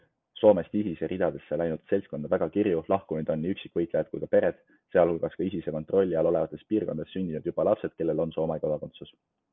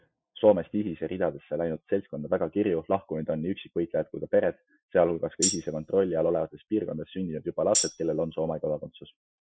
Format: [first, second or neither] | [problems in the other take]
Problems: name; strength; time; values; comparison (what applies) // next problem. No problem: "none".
first | noise reduction (classical method Wiener filter)